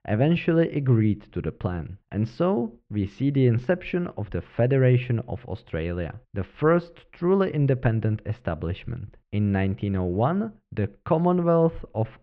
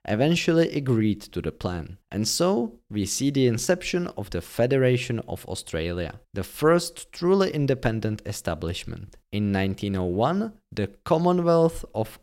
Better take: second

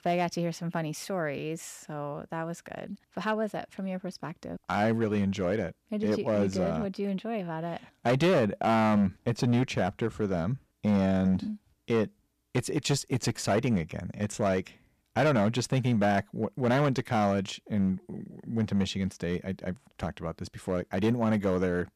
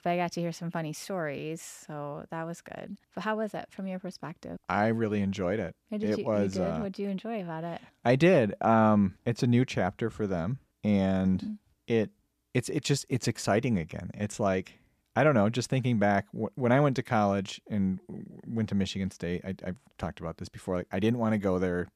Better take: second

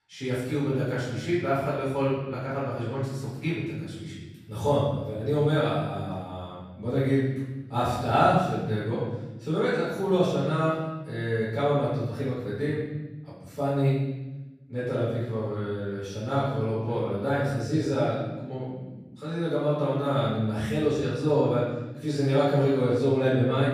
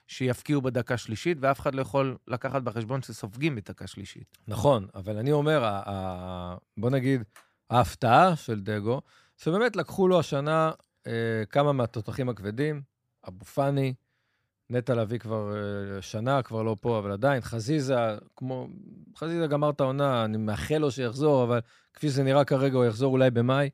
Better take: second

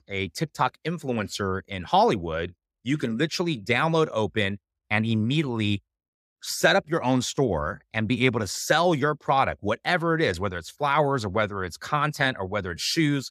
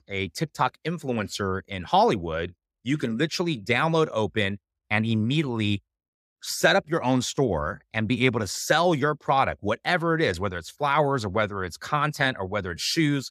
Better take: neither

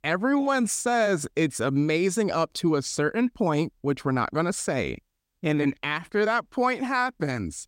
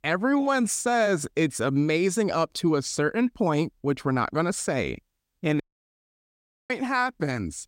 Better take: first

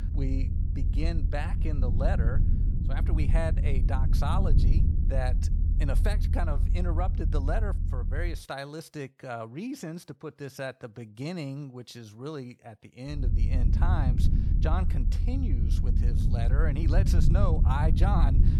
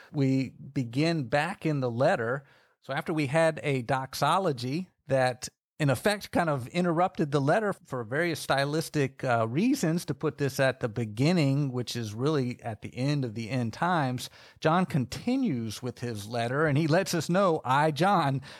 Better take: second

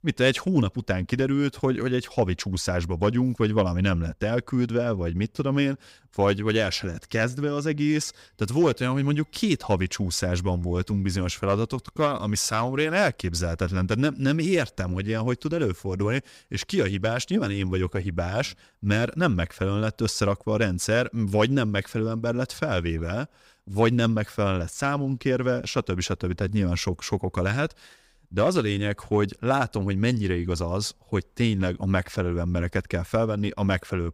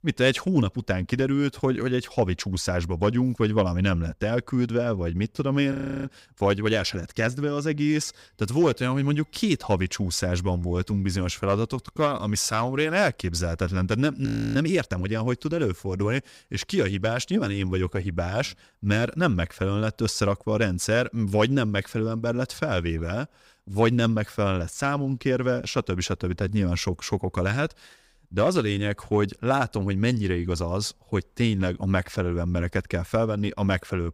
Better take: first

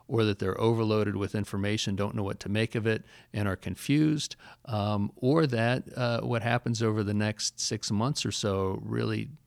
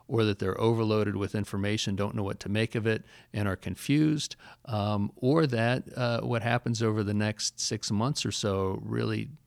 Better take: neither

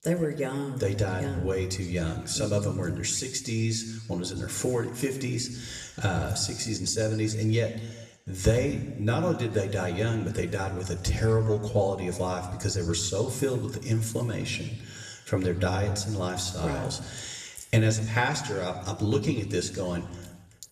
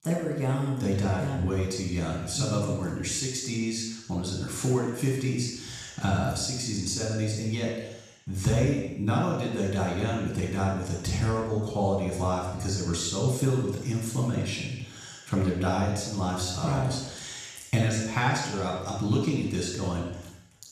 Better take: first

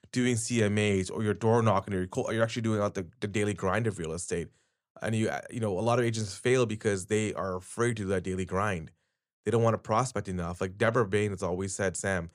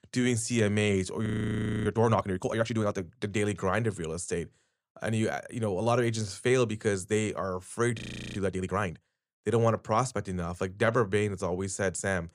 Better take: first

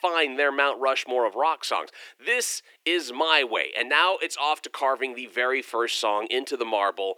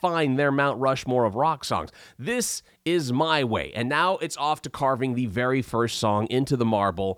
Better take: second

